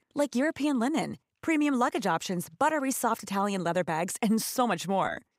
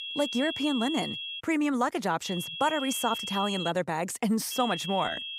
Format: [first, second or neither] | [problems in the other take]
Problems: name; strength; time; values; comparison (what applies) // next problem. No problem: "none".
first | high-pitched whine; loud; until 1.5 s, from 2 to 3.5 s and at 4.5 s; 3.5 kHz, 5 dB below the speech